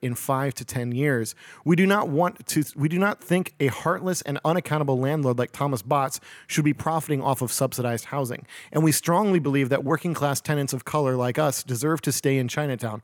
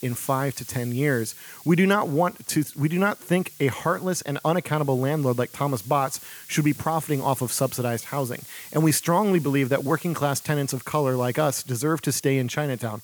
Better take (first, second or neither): first